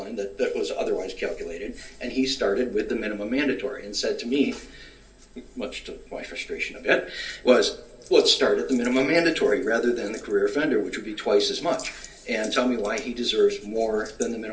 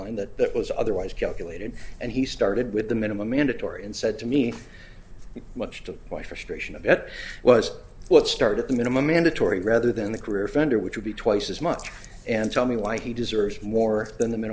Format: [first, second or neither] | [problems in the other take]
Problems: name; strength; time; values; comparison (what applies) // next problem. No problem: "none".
second | room echo; dies away in 0.3 s